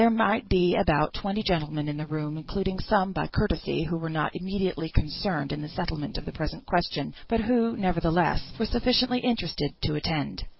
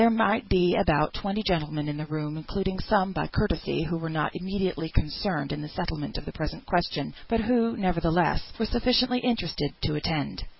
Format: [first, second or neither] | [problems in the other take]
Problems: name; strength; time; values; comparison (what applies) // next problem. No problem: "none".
second | noise reduction (neural separator model SepFormer DNS4)